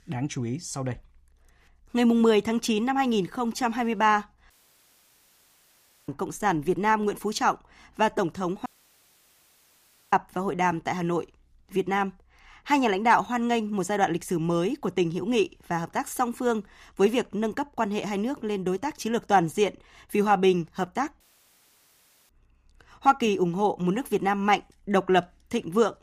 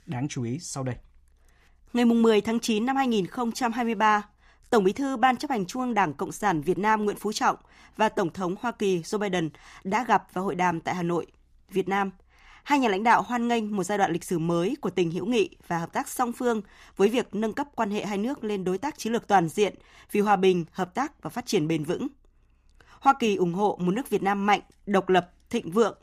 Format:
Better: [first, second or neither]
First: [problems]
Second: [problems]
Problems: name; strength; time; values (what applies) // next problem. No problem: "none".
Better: second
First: audio cutting out; at 4.5 s for 1.5 s, at 8.5 s for 1.5 s and at 21 s for 1 s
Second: none